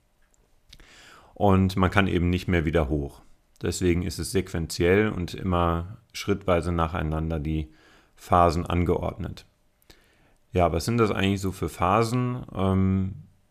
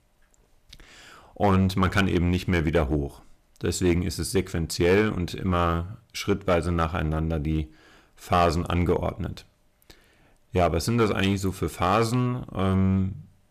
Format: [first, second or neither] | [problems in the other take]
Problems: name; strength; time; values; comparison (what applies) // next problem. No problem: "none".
first | distortion; slight; 3% of the sound clipped